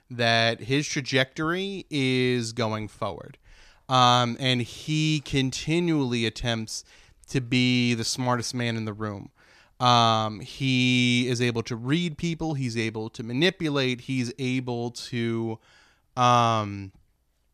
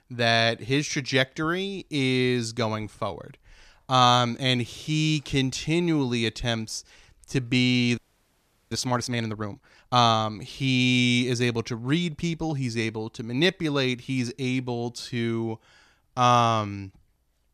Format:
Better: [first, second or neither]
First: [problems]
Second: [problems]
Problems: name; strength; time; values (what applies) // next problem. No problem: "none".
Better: first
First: none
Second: audio freezing; at 8 s for 0.5 s